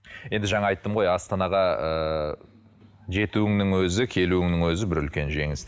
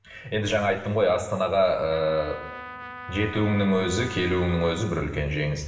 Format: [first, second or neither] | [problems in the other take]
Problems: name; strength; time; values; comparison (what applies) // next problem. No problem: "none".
first | background sound (Trumpet); 15 dB below the speech // room echo; dies away in 1.2 s